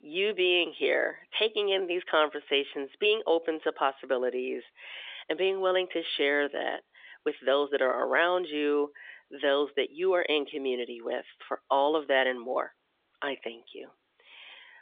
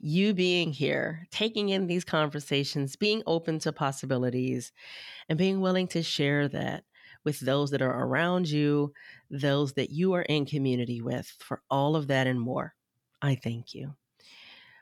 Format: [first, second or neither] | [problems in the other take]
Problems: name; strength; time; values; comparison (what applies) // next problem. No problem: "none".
second | phone-call audio; nothing above 3.5 kHz